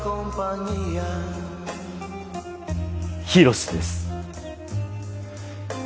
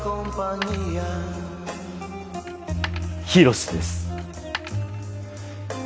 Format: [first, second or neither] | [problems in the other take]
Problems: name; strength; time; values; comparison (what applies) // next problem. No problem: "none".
first | background sound (Coin (dropping)); 14 dB below the speech